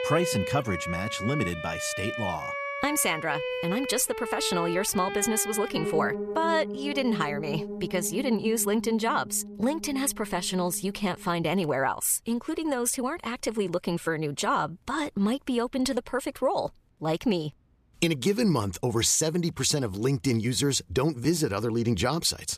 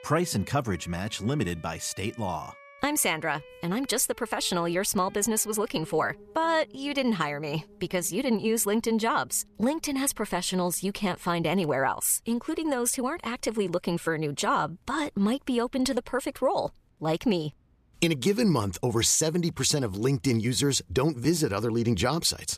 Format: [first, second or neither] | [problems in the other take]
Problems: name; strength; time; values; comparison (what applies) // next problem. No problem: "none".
second | background music; loud; until 11 s; 7 dB below the speech; faint in the second